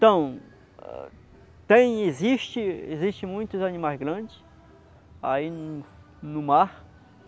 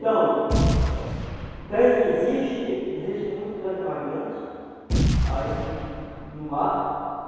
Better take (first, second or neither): first